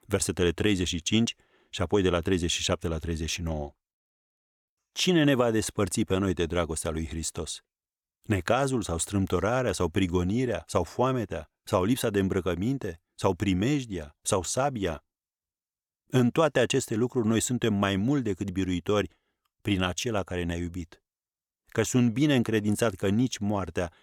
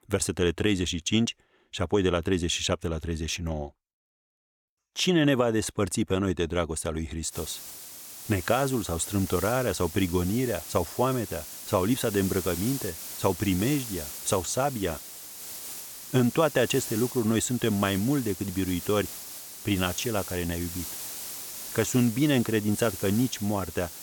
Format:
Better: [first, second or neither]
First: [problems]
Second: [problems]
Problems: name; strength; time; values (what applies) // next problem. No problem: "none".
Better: first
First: none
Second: hiss; loud; from 7.5 s on; 9 dB below the speech